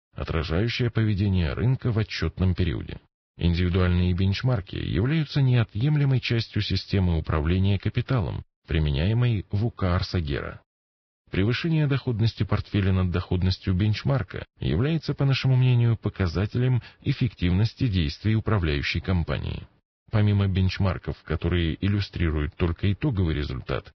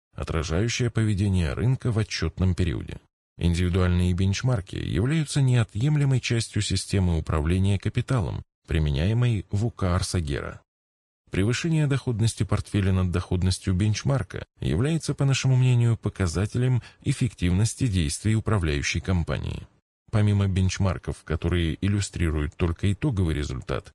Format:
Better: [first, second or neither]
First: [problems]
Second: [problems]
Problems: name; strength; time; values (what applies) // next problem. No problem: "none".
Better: second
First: garbled, watery; badly; nothing above 5.5 kHz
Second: garbled, watery; slightly; nothing above 10.5 kHz